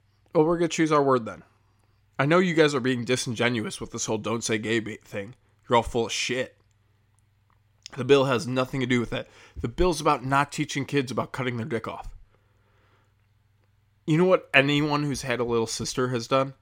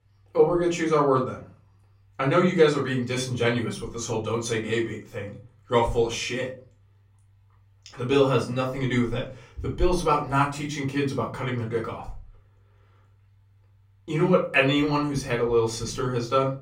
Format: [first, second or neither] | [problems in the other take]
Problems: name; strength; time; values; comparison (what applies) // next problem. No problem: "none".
first | off-mic speech; far // room echo; slight; dies away in 0.3 s